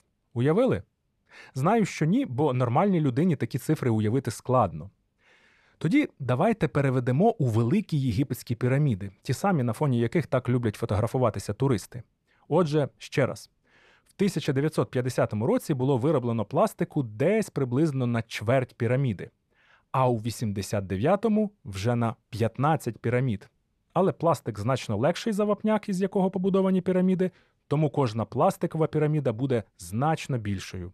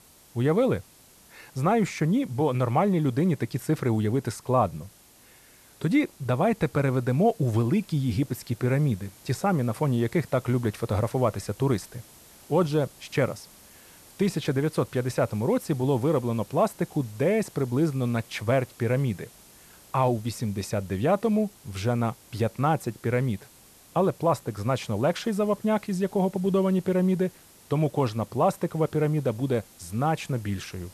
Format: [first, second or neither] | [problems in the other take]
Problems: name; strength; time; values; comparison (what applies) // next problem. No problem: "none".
first | hiss; faint; throughout; 25 dB below the speech